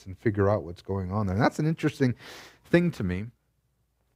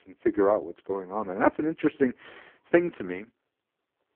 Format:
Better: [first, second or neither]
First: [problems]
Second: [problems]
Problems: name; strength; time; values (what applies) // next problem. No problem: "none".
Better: first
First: none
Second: phone-call audio; poor line